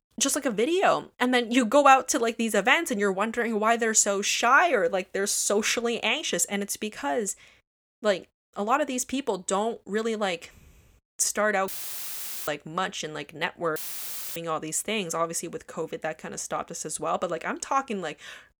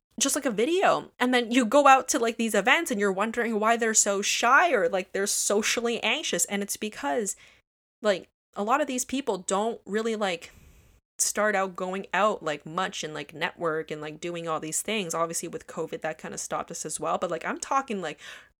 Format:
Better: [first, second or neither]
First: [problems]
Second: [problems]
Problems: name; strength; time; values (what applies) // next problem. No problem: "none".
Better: second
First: audio cutting out; filled with static; at 12 s for 1 s and at 14 s for 0.5 s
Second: none